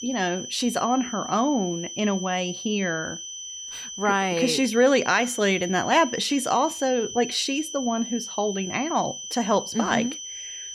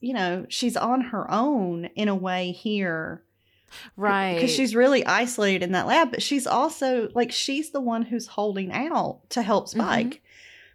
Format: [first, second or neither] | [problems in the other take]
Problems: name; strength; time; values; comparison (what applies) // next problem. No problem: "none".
second | high-pitched whine; loud; throughout; 6 kHz, 9 dB below the speech